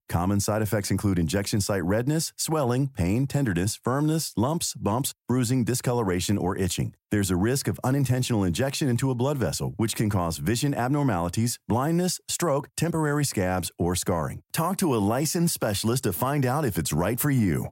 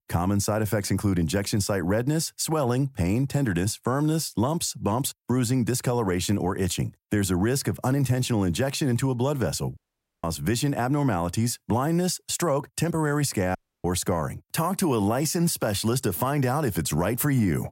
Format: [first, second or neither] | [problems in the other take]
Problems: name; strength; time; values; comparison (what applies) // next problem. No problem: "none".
first | audio cutting out; at 10 s and at 14 s